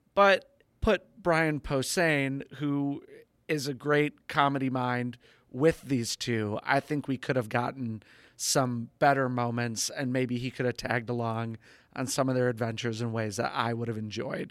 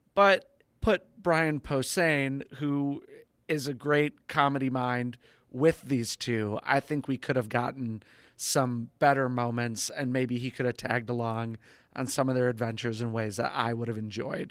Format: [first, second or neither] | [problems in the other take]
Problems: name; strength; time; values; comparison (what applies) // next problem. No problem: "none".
first | garbled, watery; slightly; nothing above 16 kHz